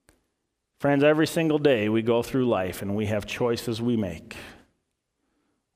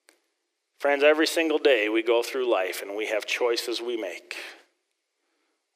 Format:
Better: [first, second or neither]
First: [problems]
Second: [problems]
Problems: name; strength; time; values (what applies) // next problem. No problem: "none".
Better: first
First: none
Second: thin; very; fading below 350 Hz